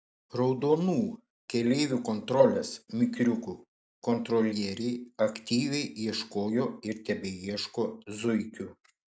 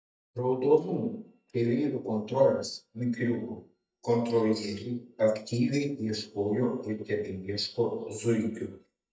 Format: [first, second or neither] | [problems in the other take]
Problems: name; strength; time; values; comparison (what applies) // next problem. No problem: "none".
first | noise reduction (neural mask model DeepFilterNet 3)